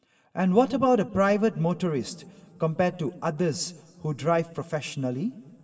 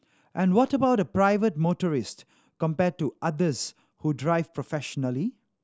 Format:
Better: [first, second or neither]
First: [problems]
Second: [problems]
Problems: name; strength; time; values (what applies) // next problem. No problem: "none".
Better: second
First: room echo; dies away in 2.2 s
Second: none